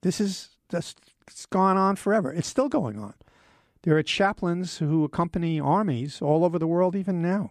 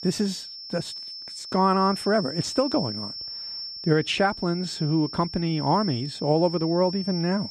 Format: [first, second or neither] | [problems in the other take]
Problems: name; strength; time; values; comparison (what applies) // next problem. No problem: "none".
first | high-pitched whine; loud; throughout; 5.5 kHz, 9 dB below the speech